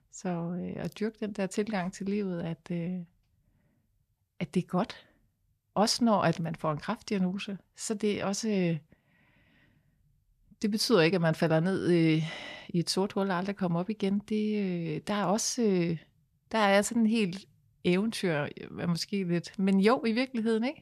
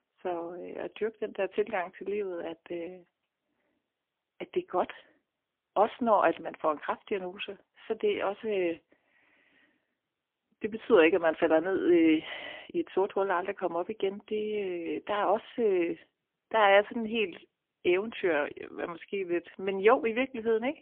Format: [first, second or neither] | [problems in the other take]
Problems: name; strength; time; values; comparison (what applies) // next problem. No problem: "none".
first | phone-call audio; poor line; nothing above 3 kHz